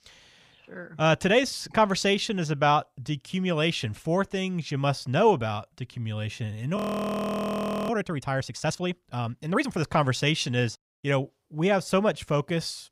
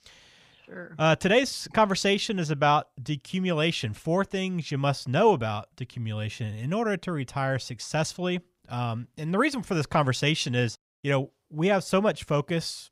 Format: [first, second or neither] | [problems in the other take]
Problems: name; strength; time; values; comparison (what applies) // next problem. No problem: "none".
second | audio freezing; at 7 s for 1 s